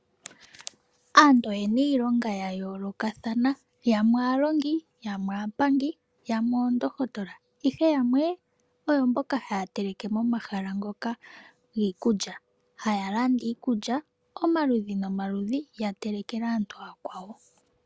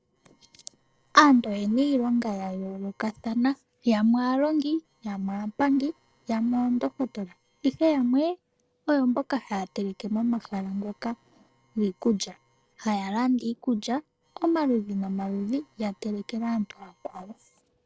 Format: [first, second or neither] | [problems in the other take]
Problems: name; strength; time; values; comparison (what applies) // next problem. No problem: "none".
first | noise reduction (neural separator model SepFormer DNS4)